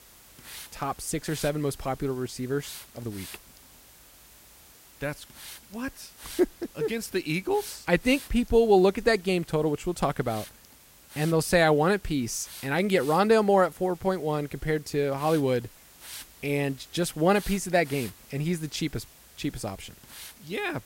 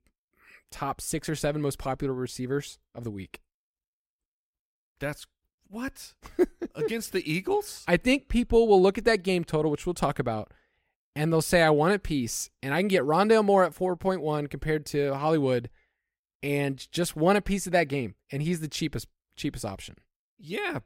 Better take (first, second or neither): second